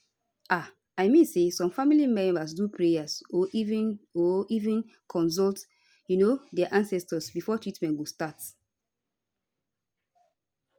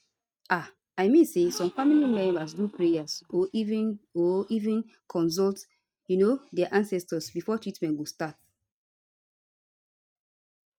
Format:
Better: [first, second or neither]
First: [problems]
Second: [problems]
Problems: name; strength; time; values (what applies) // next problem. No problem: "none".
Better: first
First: none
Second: noise reduction (neural mask model RNNoise)